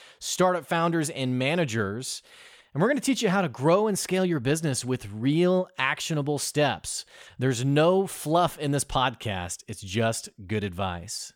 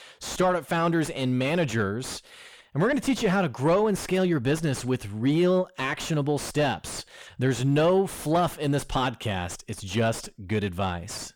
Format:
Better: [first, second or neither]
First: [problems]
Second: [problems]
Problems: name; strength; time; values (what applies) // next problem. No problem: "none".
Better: first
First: none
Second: distortion; slight; 9 dB below the speech